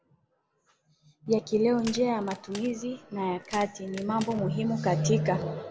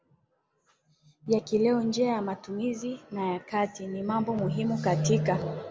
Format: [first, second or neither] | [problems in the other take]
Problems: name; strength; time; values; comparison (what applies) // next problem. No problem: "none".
second | background sound (Crack); 18 dB below the speech